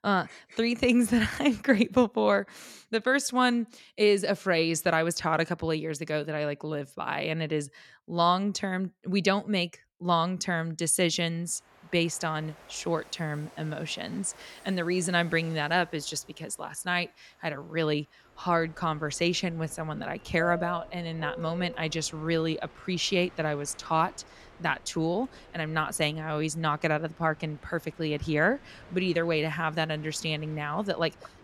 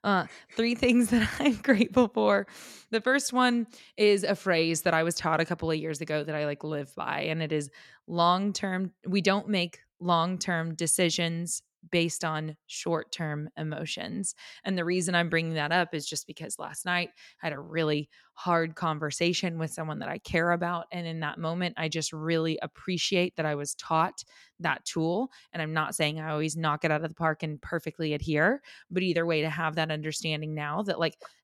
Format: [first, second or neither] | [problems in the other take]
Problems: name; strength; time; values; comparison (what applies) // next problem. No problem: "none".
second | train or aircraft noise; noticeable; from 12 s on; 20 dB below the speech